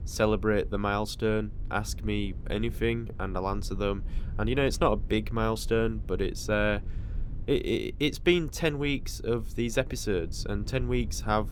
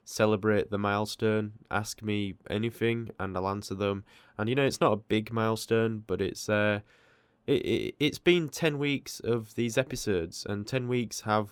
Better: second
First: low rumble; faint; throughout; 25 dB below the speech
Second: none

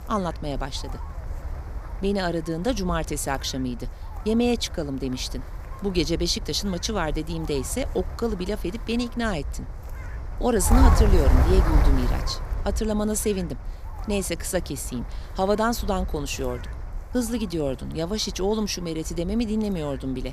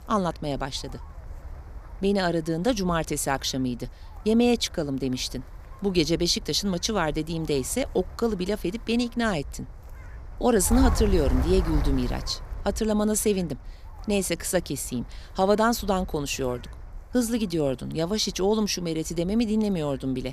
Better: second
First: wind noise on the microphone; heavy; 9 dB below the speech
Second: wind noise on the microphone; occasional gusts; 15 dB below the speech

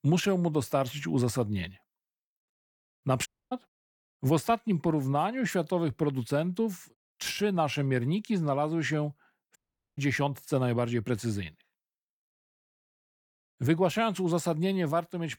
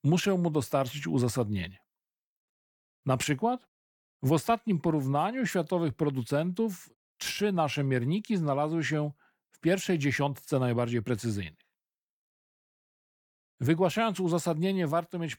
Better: second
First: audio cutting out; at 3.5 s and at 9.5 s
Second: none

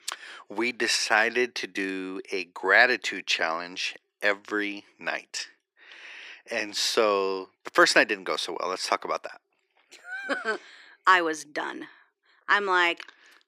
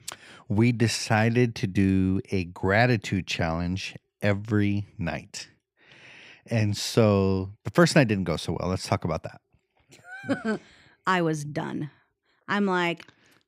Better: second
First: thin; very; fading below 350 Hz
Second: none

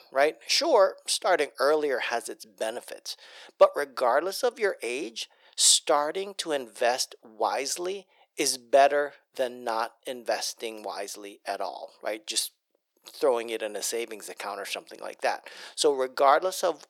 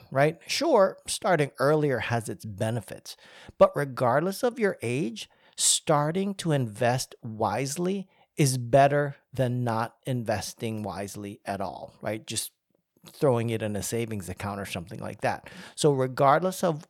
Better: second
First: thin; very; fading below 350 Hz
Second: none

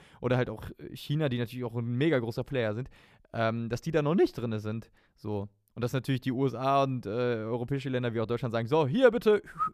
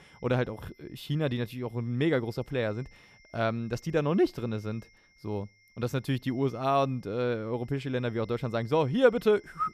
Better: first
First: none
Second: high-pitched whine; faint; throughout; 2 kHz, 30 dB below the speech

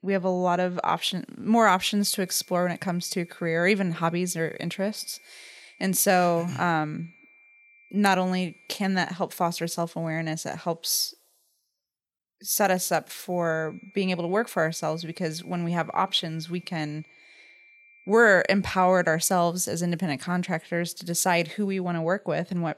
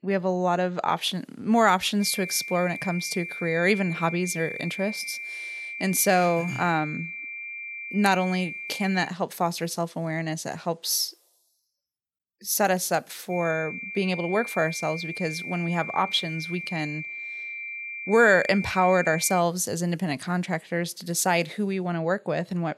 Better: first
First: high-pitched whine; faint; from 2 to 9 s and from 13 to 19 s; 2.5 kHz, 30 dB below the speech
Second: high-pitched whine; loud; from 2 to 9 s and from 13 to 19 s; 2.5 kHz, 8 dB below the speech

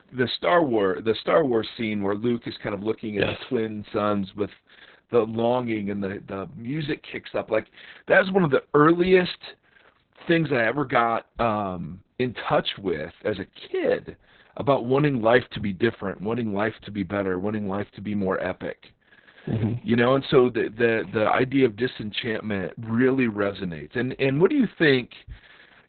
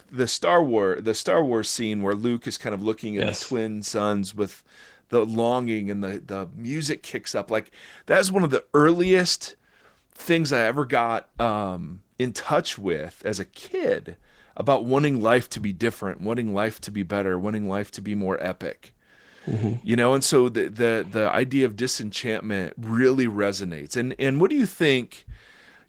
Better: second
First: garbled, watery; badly; nothing above 4 kHz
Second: garbled, watery; slightly

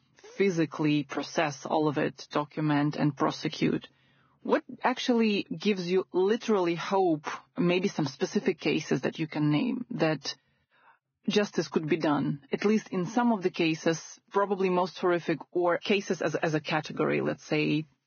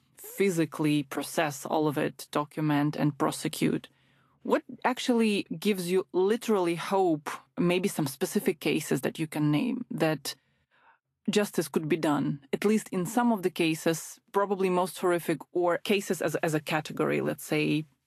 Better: second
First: garbled, watery; badly; nothing above 6.5 kHz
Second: garbled, watery; slightly; nothing above 13 kHz

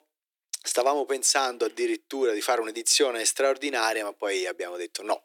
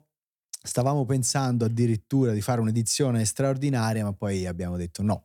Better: second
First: thin; very; fading below 300 Hz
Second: none

